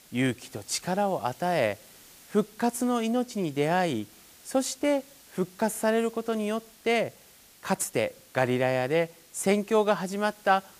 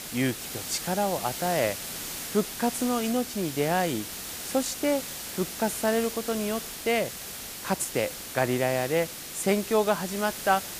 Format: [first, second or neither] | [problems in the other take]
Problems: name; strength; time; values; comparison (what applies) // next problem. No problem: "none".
first | hiss; loud; throughout; 7 dB below the speech; faint in the first